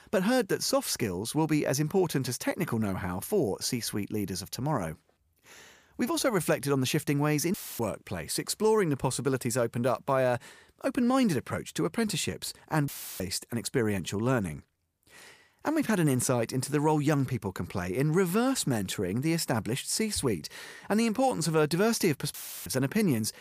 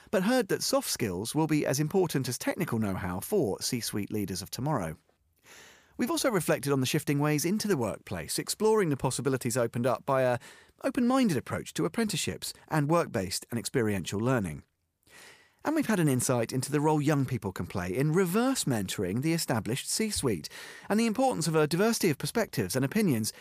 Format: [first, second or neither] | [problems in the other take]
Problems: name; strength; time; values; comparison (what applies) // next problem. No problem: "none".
second | audio cutting out; filled with static; at 7.5 s, at 13 s and at 22 s